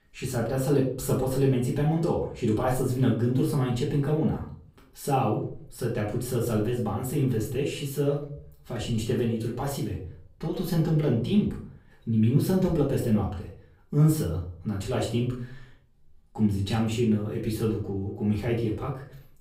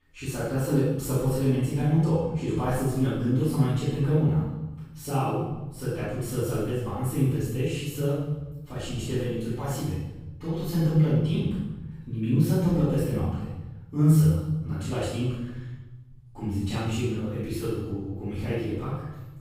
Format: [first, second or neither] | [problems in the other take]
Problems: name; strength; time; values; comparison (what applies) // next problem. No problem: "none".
first | room echo; strong; dies away in 1.1 s; slight in the first // off-mic speech; far; far in the first